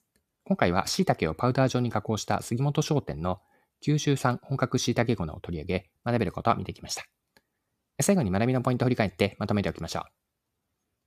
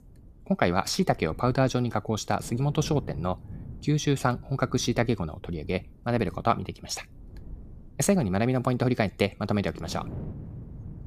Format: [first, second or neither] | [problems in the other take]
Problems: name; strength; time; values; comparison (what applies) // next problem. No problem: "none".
first | wind noise on the microphone; occasional gusts; 25 dB below the speech